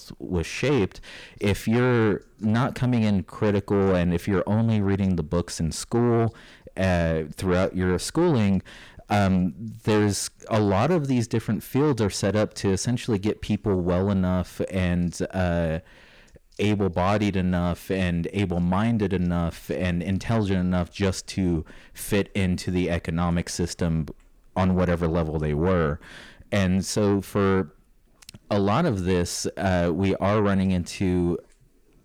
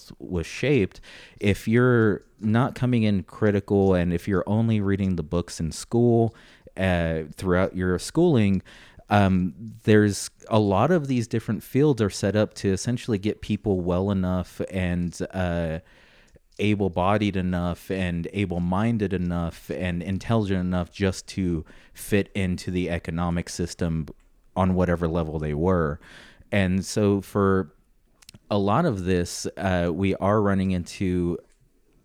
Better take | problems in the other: second | distortion; slight; 10 dB below the speech

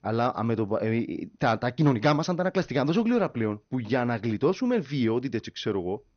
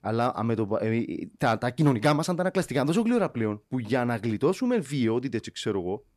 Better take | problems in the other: second | garbled, watery; slightly; nothing above 6.5 kHz

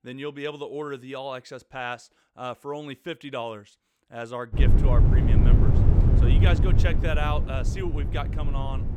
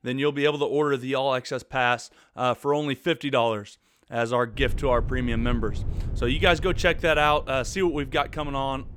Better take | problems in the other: second | low rumble; loud; from 4.5 s on; 3 dB below the speech; faint in the second

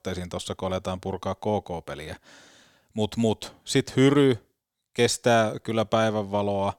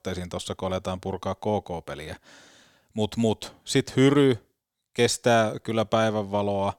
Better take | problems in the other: neither | none

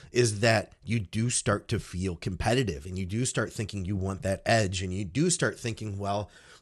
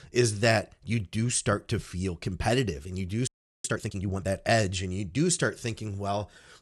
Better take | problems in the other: first | audio freezing; at 3.5 s

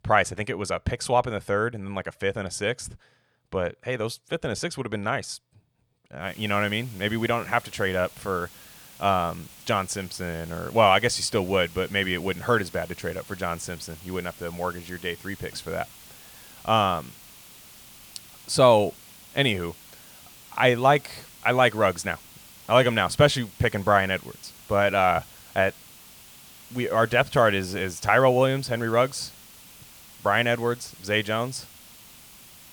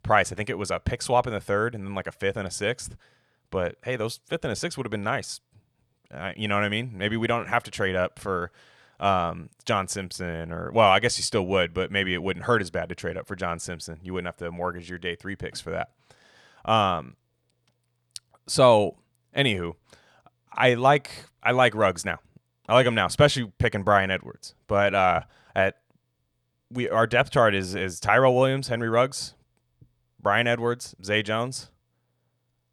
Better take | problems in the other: second | hiss; faint; from 6.5 s on; 20 dB below the speech

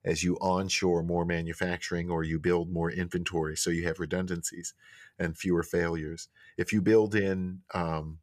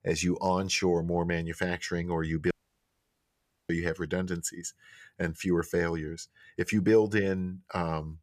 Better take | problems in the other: first | audio cutting out; at 2.5 s for 1 s

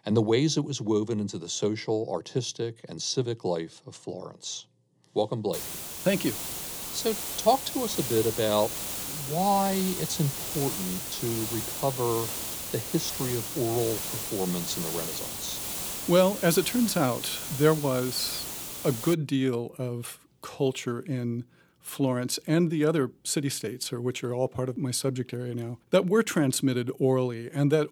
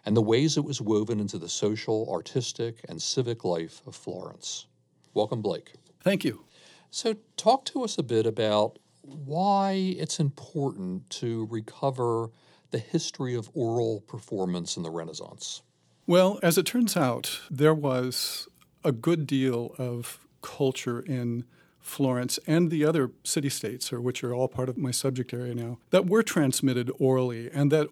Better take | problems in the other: second | hiss; loud; from 5.5 to 19 s; 4 dB below the speech

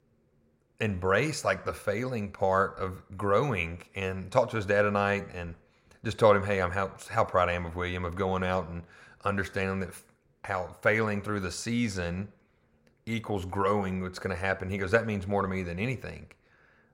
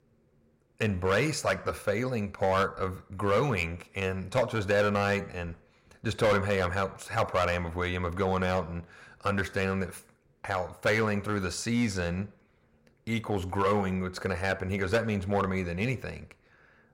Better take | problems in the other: first | distortion; slight; 4% of the sound clipped

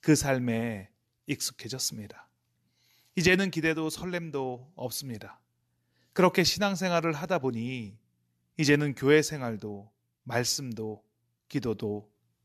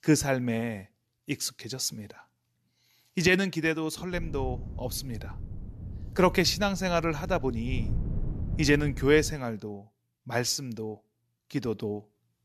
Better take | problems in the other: first | wind noise on the microphone; occasional gusts; from 4 to 9.5 s; 20 dB below the speech

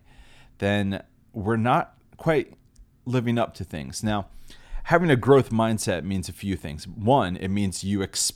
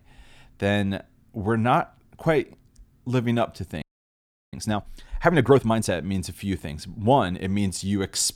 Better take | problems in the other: first | audio freezing; at 4 s for 0.5 s

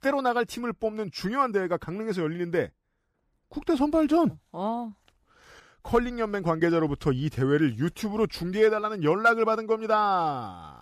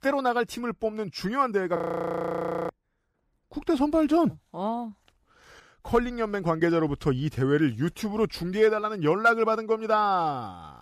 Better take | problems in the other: first | audio freezing; at 2 s for 1 s

